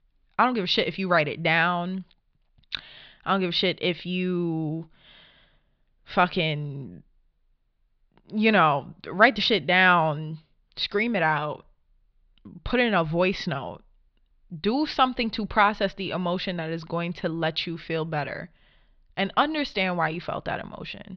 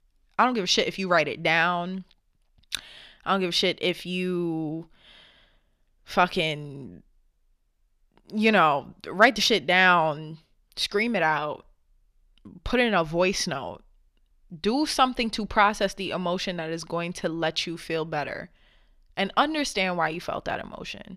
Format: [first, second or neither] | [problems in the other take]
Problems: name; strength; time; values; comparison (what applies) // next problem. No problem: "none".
second | muffled; very slightly; fading above 4 kHz